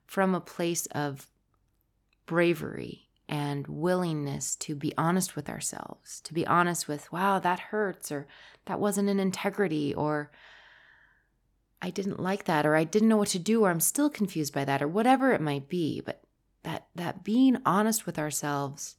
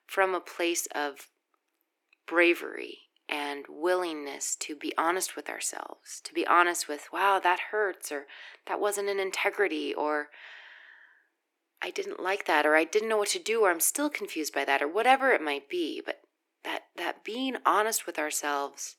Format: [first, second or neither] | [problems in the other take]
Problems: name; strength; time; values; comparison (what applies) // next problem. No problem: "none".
first | thin; very; fading below 350 Hz